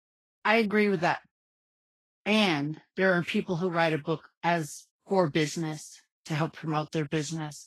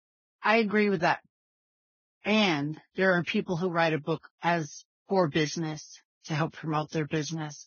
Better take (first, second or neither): first